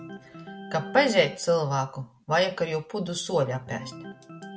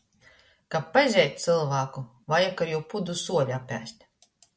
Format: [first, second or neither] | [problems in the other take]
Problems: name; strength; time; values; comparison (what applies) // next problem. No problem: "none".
second | background sound (Organ); 16 dB below the speech